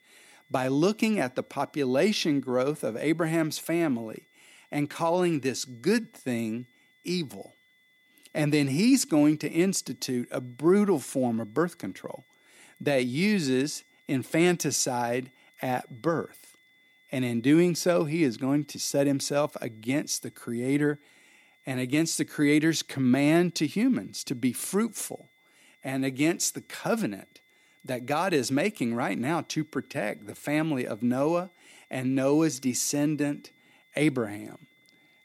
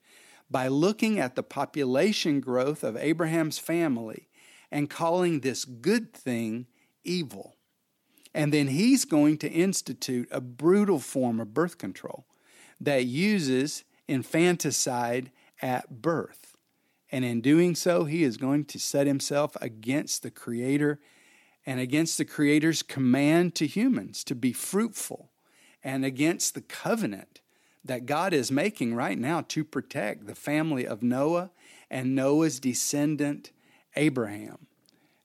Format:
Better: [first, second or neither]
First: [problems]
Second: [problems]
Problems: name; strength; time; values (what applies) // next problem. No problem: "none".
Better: second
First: high-pitched whine; faint; throughout; 2 kHz, 35 dB below the speech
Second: none